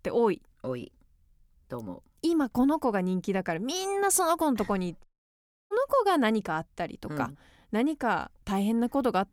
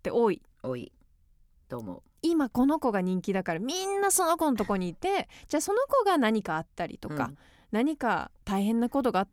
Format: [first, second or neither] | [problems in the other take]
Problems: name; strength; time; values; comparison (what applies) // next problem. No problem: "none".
second | audio cutting out; at 5 s for 0.5 s